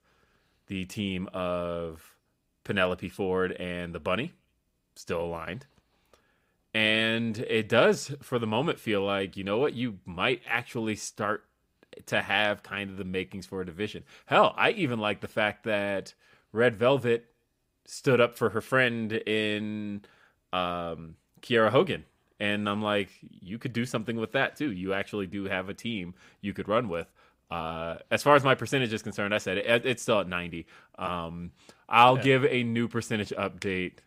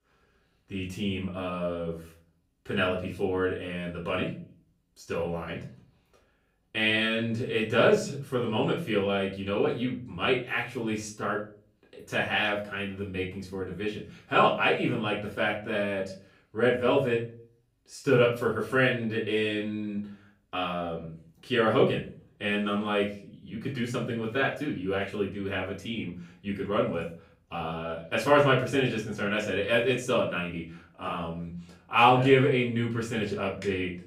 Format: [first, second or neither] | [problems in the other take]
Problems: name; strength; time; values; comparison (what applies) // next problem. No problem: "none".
first | off-mic speech; far // room echo; slight; dies away in 0.4 s